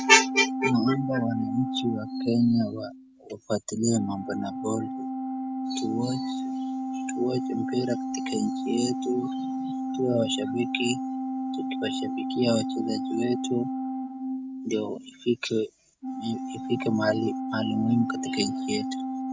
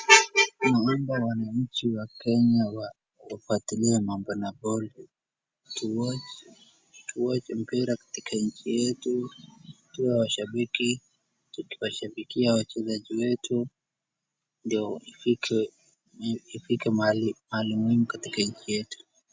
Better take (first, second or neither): second